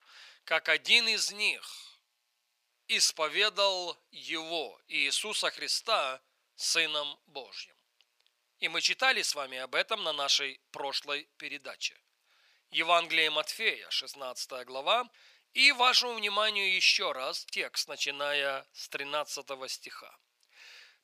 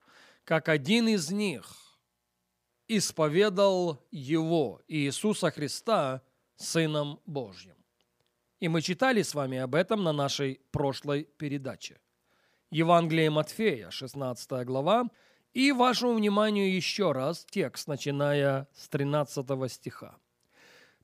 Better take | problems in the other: second | thin; very; fading below 800 Hz

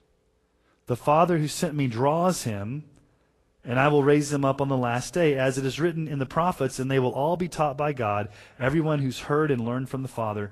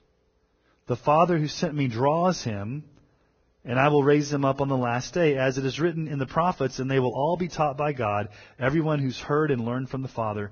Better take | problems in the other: first | garbled, watery; badly; nothing above 6.5 kHz; slightly in the first

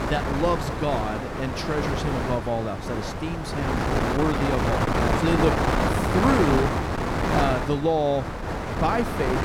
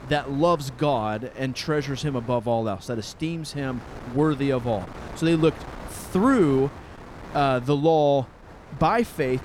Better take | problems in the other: second | wind noise on the microphone; heavy; 1 dB above the speech; occasional gusts in the second

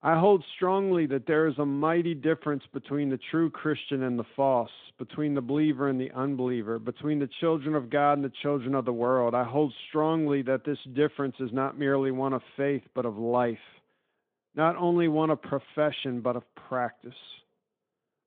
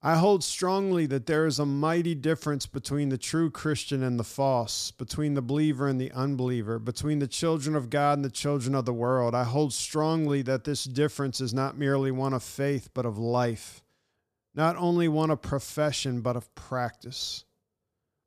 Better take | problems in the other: second | phone-call audio

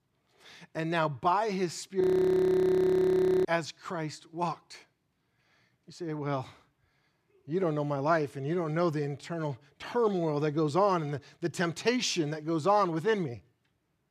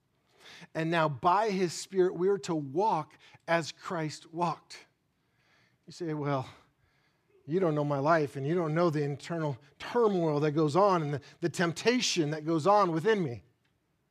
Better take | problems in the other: second | audio freezing; at 2 s for 1.5 s

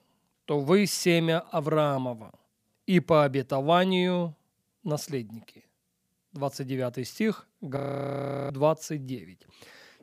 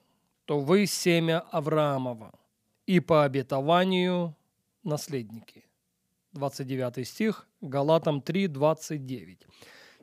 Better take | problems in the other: second | audio freezing; at 8 s for 0.5 s

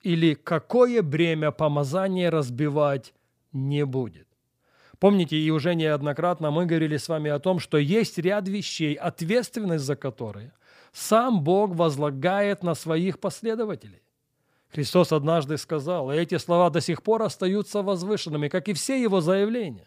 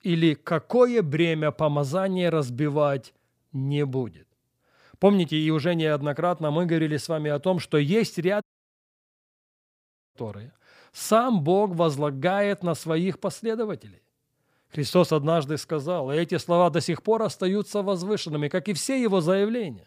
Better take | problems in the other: first | audio cutting out; at 8.5 s for 1.5 s

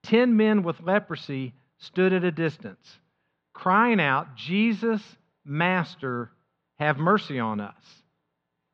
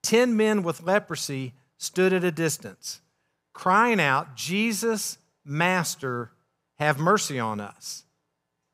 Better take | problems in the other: second | muffled; very; fading above 4 kHz

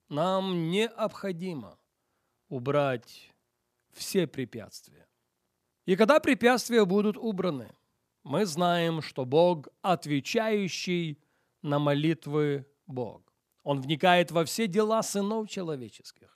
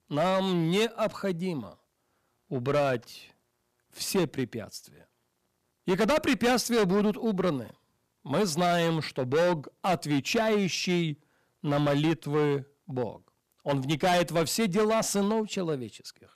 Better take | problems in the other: first | distortion; heavy; 9% of the sound clipped

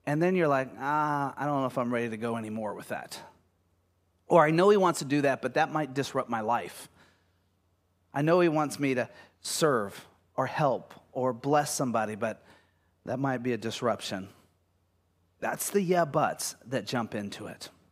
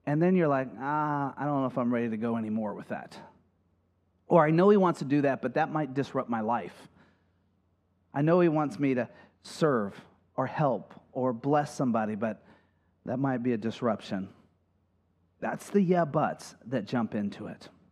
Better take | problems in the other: first | muffled; slightly; fading above 2 kHz

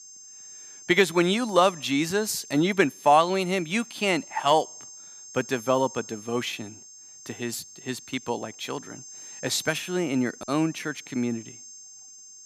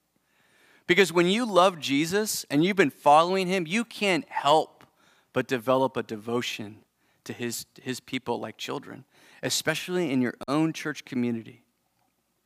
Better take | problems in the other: second | high-pitched whine; noticeable; throughout; 6.5 kHz, 15 dB below the speech

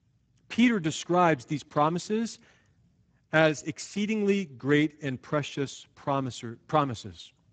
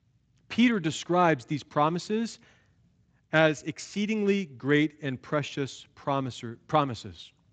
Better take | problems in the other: second | garbled, watery; badly; nothing above 7.5 kHz; slightly in the second

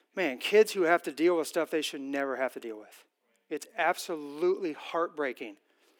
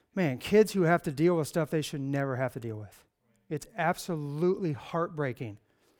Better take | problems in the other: second | thin; somewhat; fading below 250 Hz

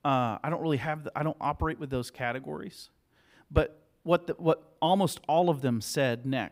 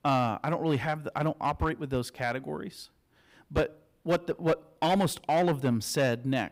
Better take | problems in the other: first | distortion; slight; 5% of the sound clipped

